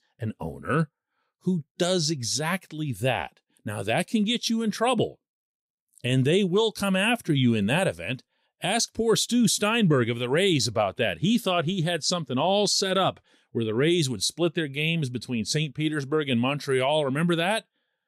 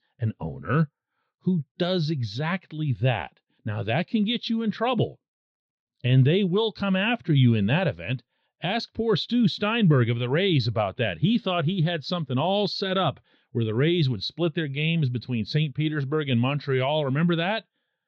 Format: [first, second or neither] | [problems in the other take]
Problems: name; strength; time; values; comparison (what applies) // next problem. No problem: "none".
first | muffled; very slightly; fading above 4 kHz